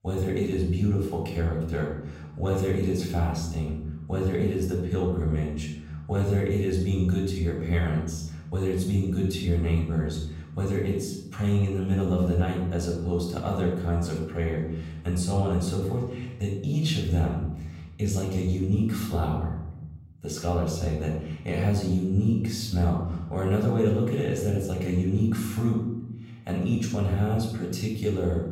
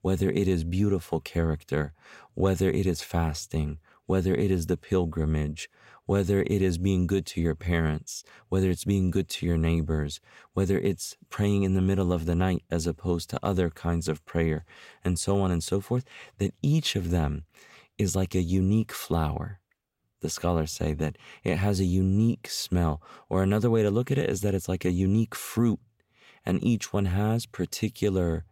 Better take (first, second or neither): second